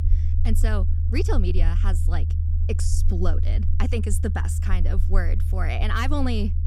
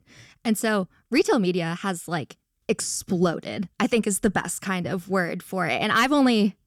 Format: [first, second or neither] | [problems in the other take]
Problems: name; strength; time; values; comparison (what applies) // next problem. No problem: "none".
second | low rumble; loud; throughout; 9 dB below the speech